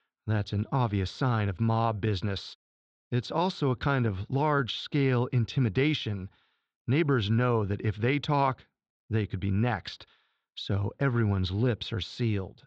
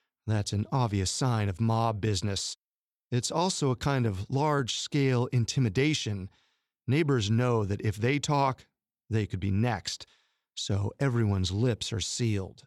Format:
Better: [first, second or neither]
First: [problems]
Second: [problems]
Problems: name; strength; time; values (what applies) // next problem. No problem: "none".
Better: second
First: muffled; slightly; fading above 3.5 kHz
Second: none